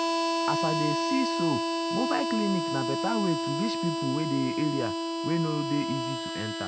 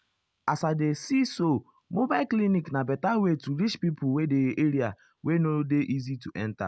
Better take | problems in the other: second | background sound (Harmonica); 2 dB above the speech

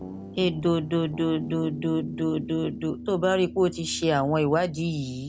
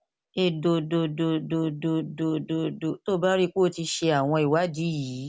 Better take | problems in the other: second | background sound (Guitar); 13 dB below the speech

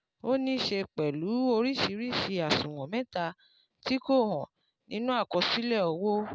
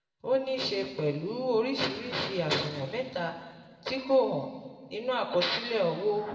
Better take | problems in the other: first | room echo; dies away in 1.7 s

